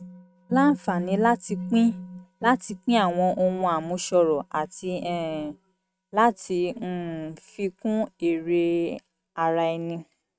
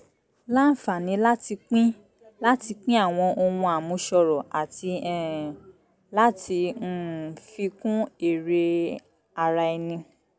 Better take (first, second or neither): second